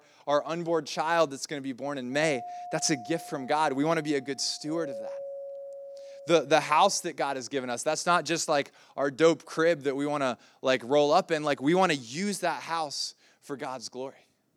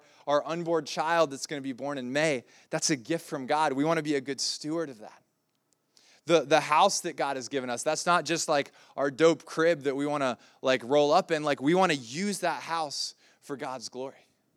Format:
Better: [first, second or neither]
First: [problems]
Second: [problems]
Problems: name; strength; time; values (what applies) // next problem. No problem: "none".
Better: second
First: doorbell; noticeable; from 2 to 7 s; peak 10 dB below the speech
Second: none